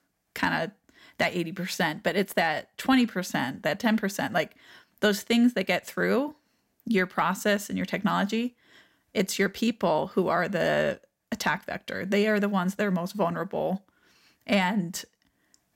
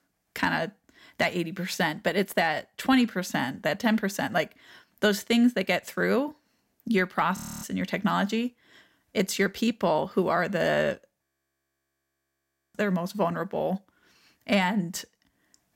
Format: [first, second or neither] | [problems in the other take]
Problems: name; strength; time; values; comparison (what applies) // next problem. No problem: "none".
first | audio freezing; at 7.5 s and at 11 s for 1.5 s